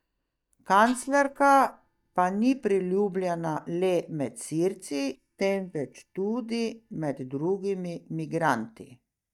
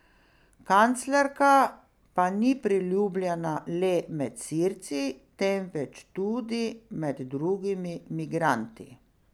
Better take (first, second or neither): second